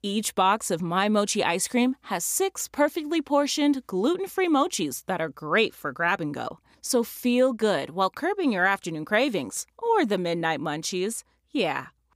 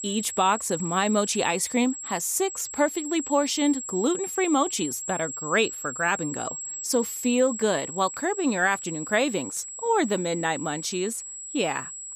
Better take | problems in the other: first | high-pitched whine; loud; throughout; 7.5 kHz, 7 dB below the speech

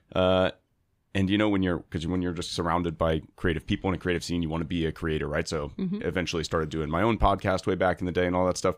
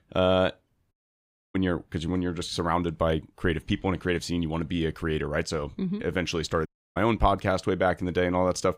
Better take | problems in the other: first | audio cutting out; at 1 s for 0.5 s and at 6.5 s

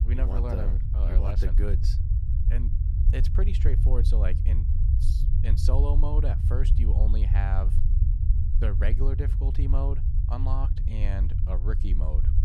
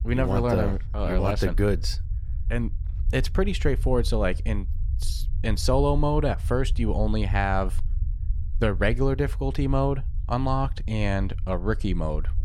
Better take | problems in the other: second | low rumble; loud; throughout; 5 dB below the speech; faint in the second

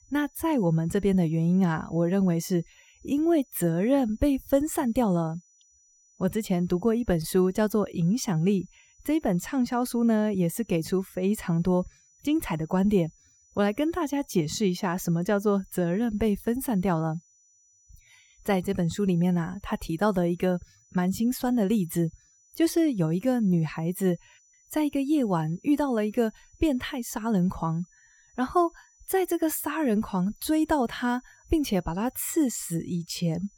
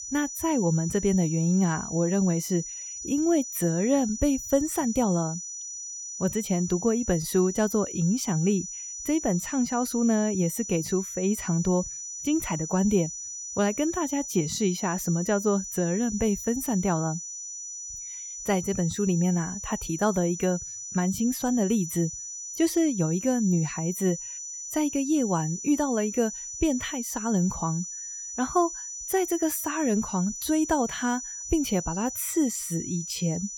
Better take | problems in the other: first | high-pitched whine; loud; throughout; 6 kHz, 7 dB below the speech; faint in the first

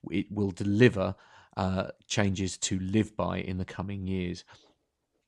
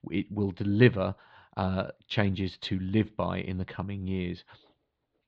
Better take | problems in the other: first | muffled; slightly; fading above 4 kHz

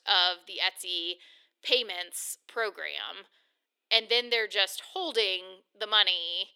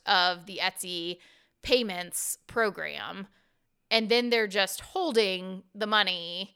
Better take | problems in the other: second | thin; somewhat; fading below 300 Hz

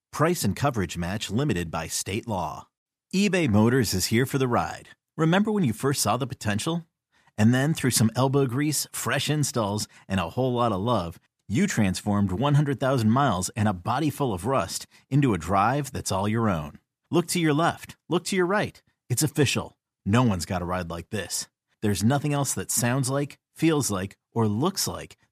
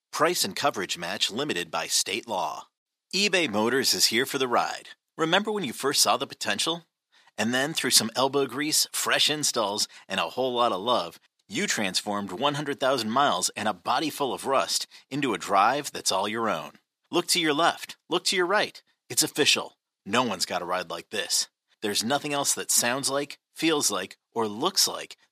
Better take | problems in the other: first | thin; somewhat; fading below 400 Hz

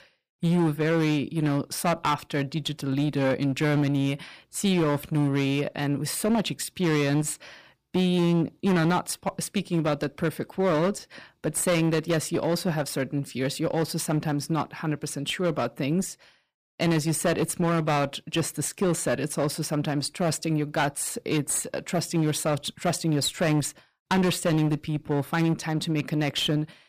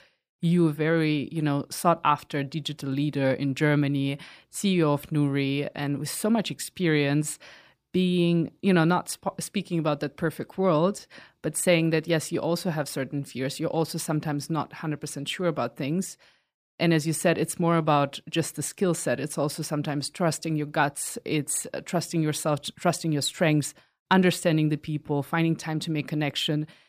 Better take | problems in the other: second | distortion; slight; 12% of the sound clipped

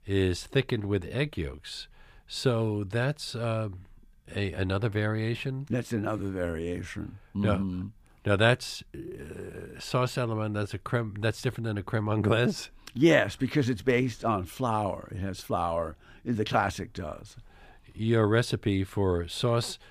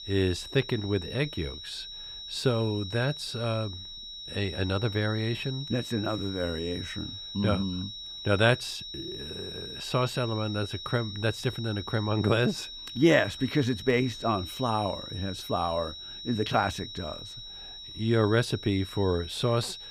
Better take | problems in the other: first | high-pitched whine; loud; throughout; 4 kHz, 9 dB below the speech

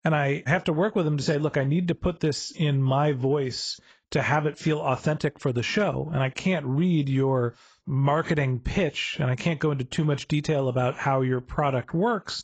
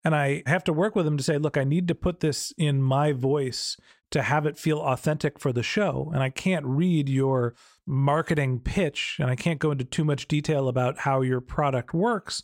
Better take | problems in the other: second | garbled, watery; badly; nothing above 7.5 kHz

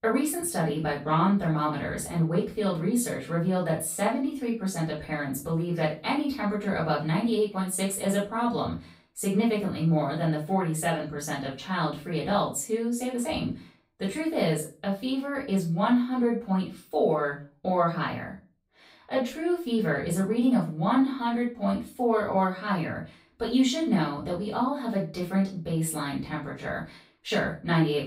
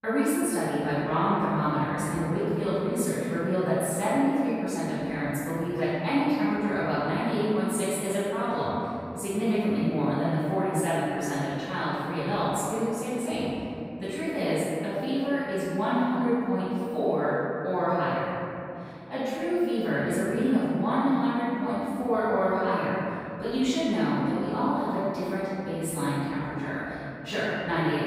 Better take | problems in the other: first | room echo; strong; dies away in 2.8 s; slight in the first // off-mic speech; far; far in the first

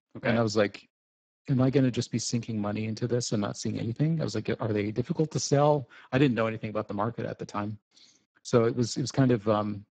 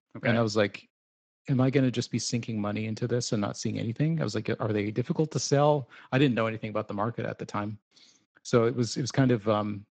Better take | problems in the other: second | garbled, watery; badly; nothing above 7.5 kHz; slightly in the second

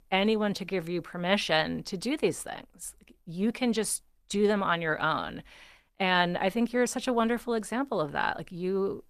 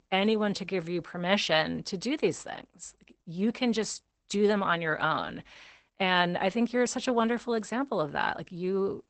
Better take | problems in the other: first | garbled, watery; badly; nothing above 8 kHz; slightly in the first

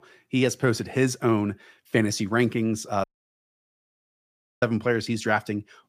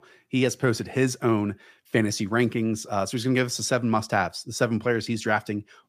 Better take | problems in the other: second | audio cutting out; at 3 s for 1.5 s

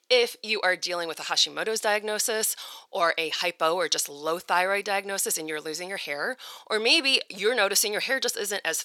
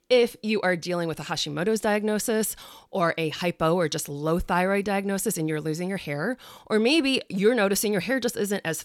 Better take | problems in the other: second | thin; very; fading below 550 Hz

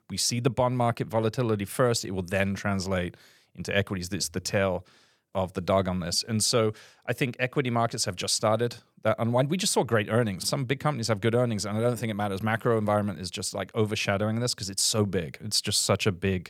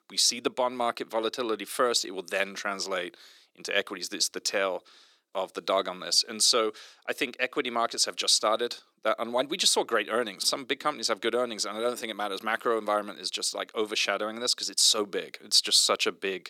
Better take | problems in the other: first | thin; somewhat; fading below 300 Hz

